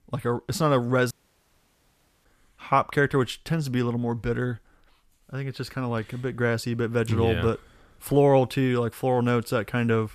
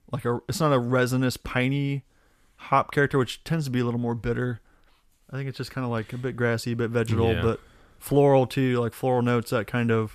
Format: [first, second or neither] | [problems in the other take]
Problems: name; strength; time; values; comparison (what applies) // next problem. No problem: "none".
second | audio cutting out; at 1 s for 1 s